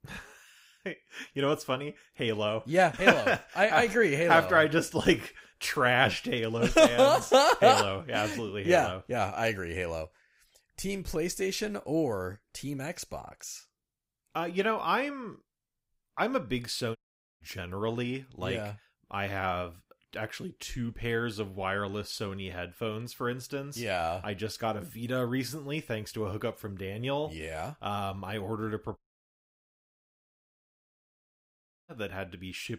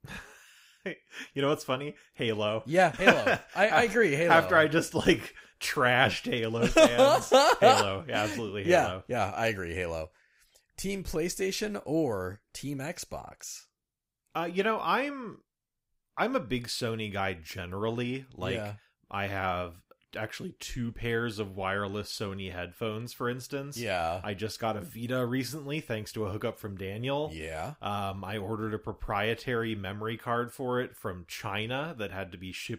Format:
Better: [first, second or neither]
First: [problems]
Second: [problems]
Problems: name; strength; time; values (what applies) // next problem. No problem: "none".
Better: second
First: audio cutting out; at 17 s and at 29 s for 3 s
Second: none